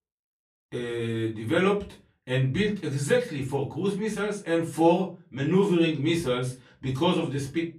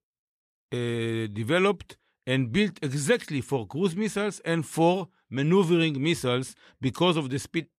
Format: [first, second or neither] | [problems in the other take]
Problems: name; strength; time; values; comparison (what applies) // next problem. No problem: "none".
second | off-mic speech; far // room echo; very slight; dies away in 0.3 s